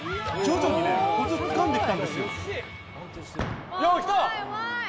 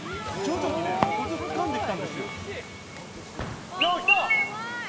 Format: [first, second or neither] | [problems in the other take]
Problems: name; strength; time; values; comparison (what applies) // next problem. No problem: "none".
first | background sound (Chirp, tweet); 1 dB below the speech